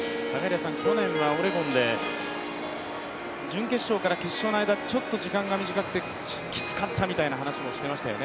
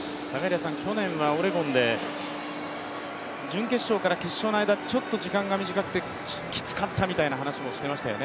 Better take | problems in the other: second | background sound (Harp); 6 dB below the speech

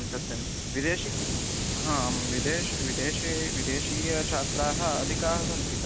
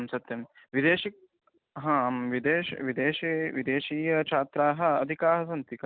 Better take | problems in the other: second | background sound (Hiss); 3 dB above the speech

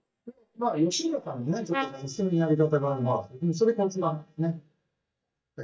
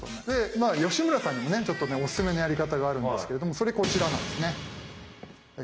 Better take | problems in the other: second | noise reduction (neural mask model DeepFilterNet 3)

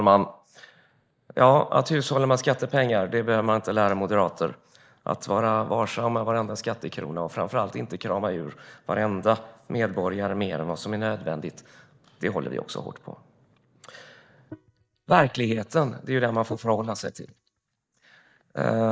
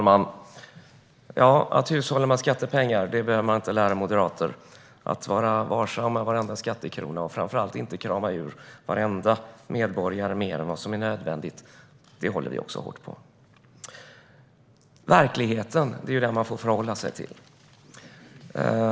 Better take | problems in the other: second | noise reduction (neural mask model DeepFilterNet 3)

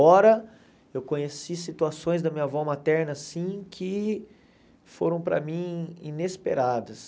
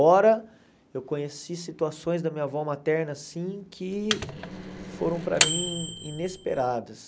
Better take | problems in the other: first | background sound (Microwave oven); 4 dB below the speech

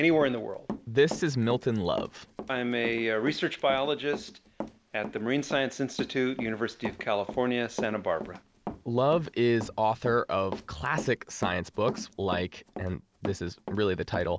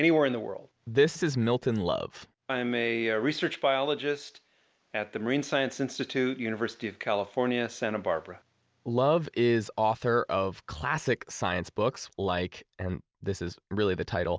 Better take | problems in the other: second | background sound (Run); 12 dB below the speech

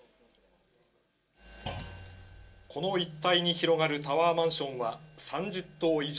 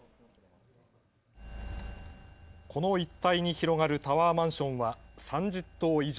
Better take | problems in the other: second | background sound (Thump, thud); 18 dB below the speech // room echo; dies away in 0.2 s

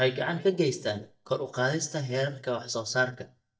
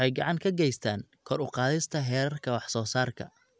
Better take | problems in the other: second | noise reduction (neural mask model DeepFilterNet 3)

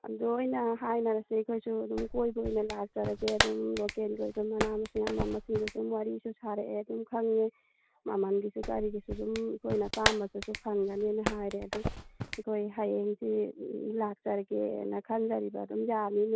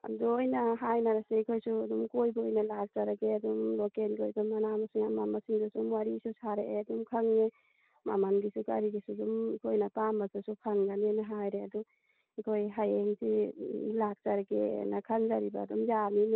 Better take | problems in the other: second | background sound (Clapping); 5 dB below the speech

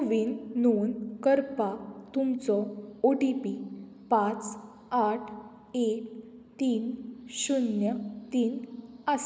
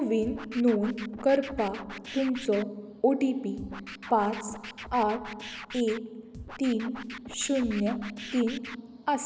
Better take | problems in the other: first | background sound (Scratching (performance technique)); 13 dB below the speech

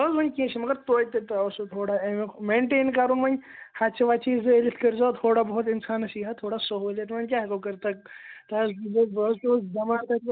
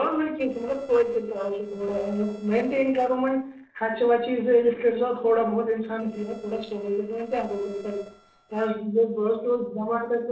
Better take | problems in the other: first | noise reduction (neural separator model SepFormer DNS4)

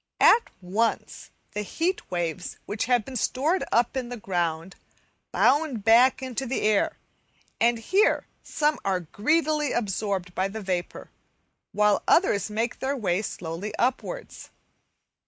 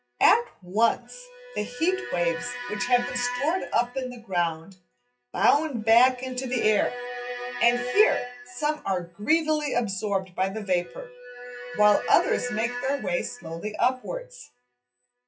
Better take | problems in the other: first | noise reduction (classical method WPE with log-MMSE)

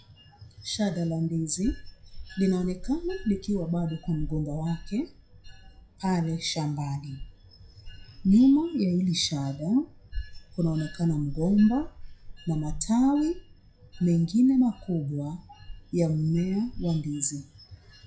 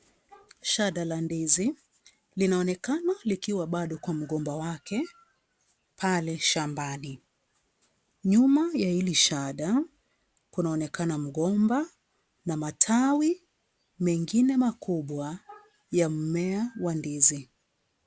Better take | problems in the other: second | noise reduction (classical method WPE with log-MMSE)

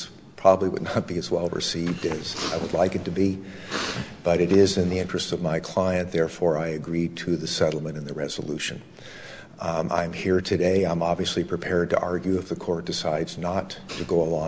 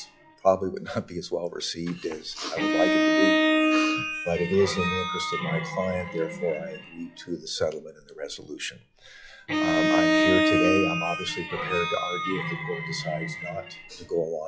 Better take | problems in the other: first | noise reduction (classical method log-MMSE)

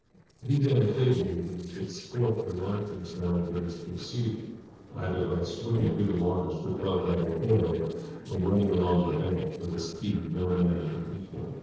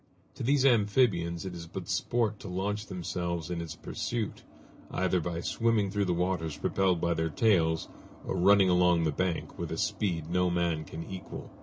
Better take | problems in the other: second | noise reduction (neural separator model SepFormer DNS4)

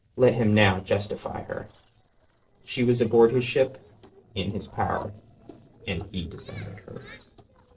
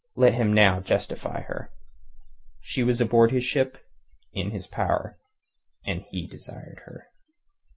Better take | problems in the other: second | noise reduction (neural separator model SepFormer DNS4)

